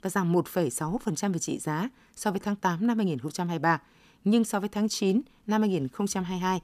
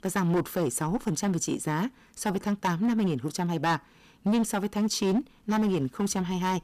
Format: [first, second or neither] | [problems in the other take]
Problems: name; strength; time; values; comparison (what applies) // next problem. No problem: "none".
first | distortion; slight; 11% of the sound clipped